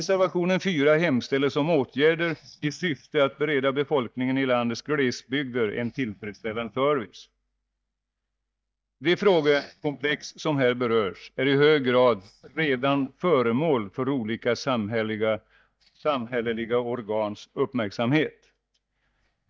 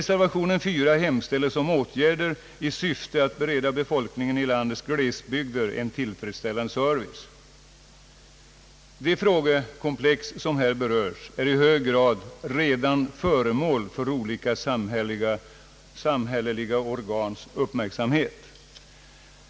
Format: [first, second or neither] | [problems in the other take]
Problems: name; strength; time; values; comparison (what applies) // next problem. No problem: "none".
second | noise reduction (neural mask model DeepFilterNet 3)